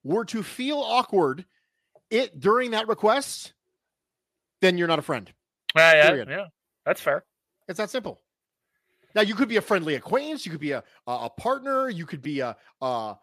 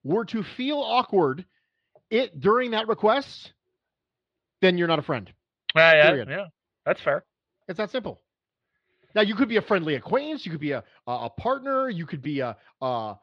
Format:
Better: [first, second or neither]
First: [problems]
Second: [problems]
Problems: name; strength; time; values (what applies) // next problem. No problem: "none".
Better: first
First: none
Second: muffled; very slightly; fading above 4 kHz